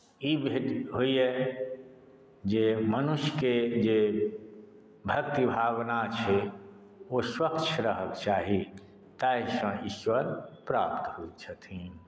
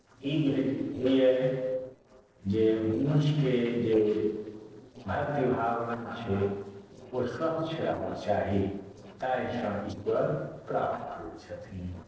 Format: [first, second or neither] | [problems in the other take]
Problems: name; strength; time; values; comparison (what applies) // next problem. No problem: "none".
first | noise reduction (neural separator model SepFormer DNS4)